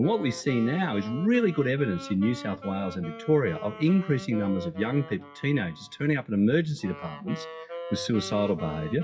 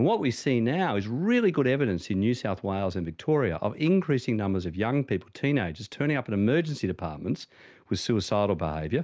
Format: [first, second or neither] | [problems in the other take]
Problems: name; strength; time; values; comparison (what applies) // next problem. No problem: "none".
second | noise reduction (classical method WPE with log-MMSE)